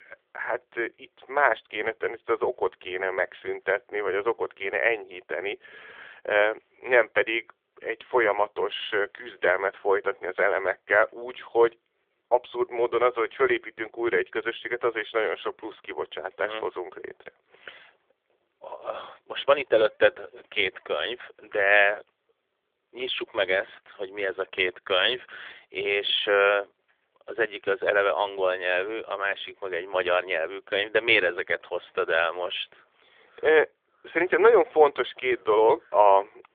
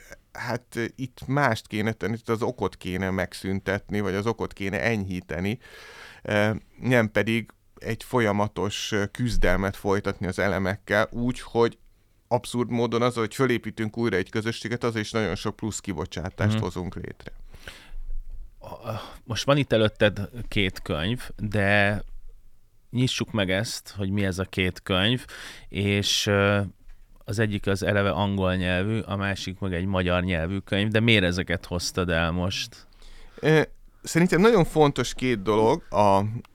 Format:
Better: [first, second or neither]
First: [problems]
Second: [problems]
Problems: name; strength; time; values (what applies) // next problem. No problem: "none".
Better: second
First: phone-call audio; nothing above 3.5 kHz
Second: none